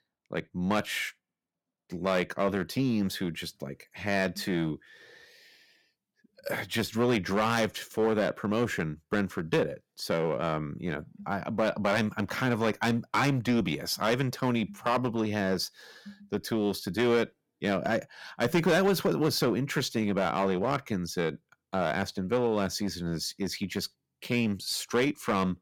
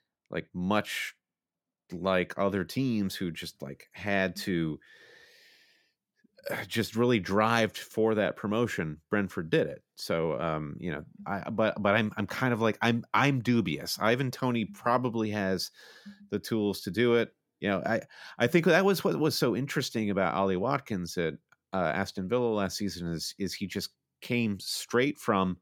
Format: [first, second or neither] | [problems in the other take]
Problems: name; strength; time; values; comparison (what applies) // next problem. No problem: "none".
second | distortion; slight; 5% of the sound clipped